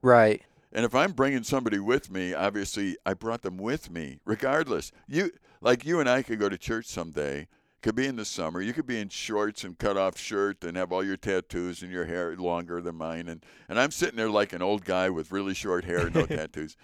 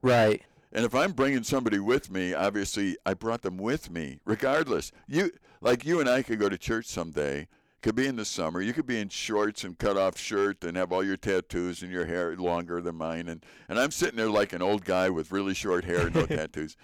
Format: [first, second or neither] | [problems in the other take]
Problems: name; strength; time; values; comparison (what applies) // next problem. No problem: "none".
first | distortion; slight; 3% of the sound clipped